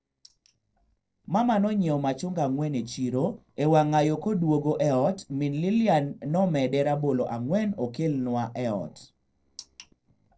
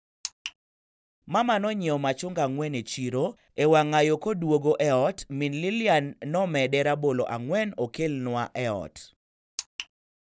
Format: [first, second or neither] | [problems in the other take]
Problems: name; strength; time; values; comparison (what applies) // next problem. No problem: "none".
second | noise reduction (neural separator model SepFormer DNS4)